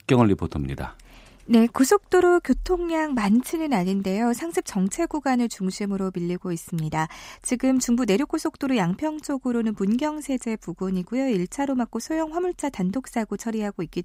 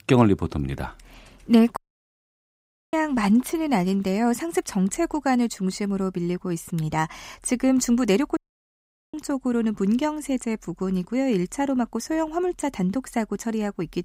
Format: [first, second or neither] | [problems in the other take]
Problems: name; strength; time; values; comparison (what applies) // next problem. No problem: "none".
first | audio cutting out; at 2 s for 1 s and at 8.5 s for 1 s